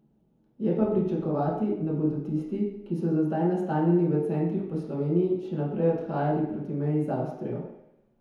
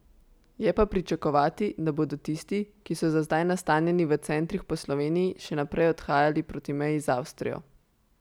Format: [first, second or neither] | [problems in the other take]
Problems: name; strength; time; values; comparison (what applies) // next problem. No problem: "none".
second | room echo; dies away in 1 s